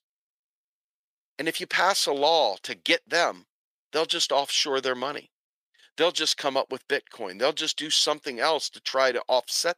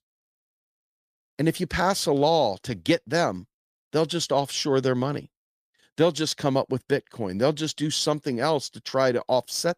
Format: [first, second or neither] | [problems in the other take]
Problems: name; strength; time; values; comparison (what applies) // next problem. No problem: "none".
second | thin; somewhat; fading below 500 Hz